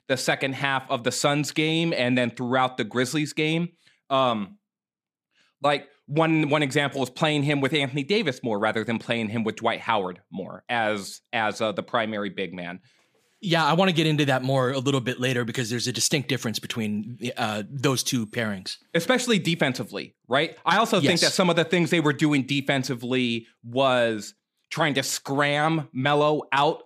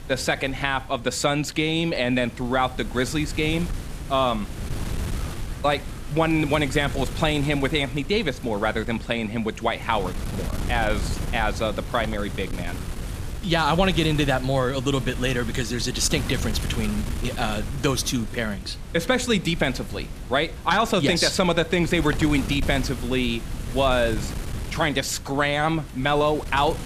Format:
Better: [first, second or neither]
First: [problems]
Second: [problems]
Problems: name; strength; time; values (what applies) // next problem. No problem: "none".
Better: first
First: none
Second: wind noise on the microphone; occasional gusts; 15 dB below the speech